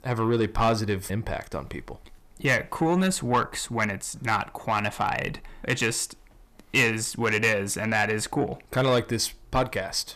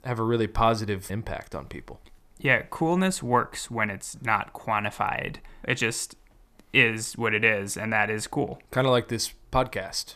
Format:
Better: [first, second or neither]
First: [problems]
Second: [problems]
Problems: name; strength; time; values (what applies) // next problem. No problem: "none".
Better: second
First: distortion; slight; 10 dB below the speech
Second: none